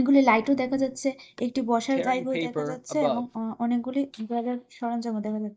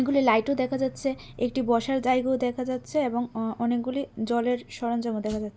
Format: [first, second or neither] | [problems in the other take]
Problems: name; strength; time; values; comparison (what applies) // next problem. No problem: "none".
second | noise reduction (neural mask model DeepFilterNet 3)